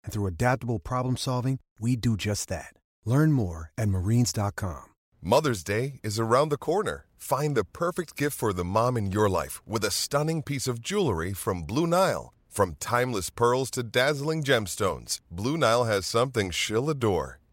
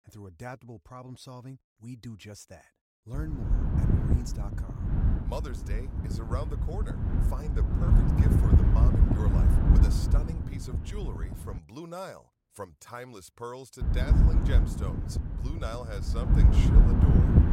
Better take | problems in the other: first | wind noise on the microphone; heavy; from 3 to 12 s and from 14 s on; 4 dB above the speech

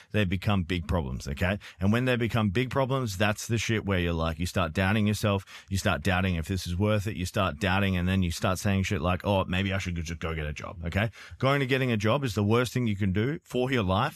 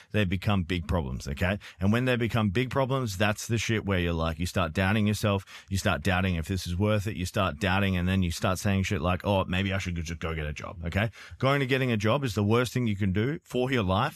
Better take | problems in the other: neither | none

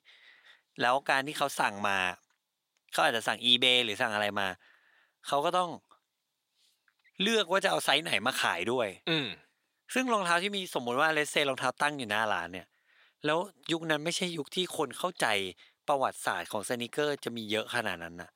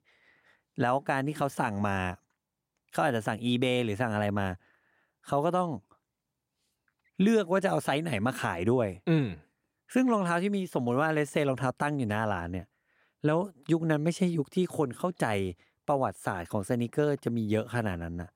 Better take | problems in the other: second | thin; somewhat; fading below 1 kHz

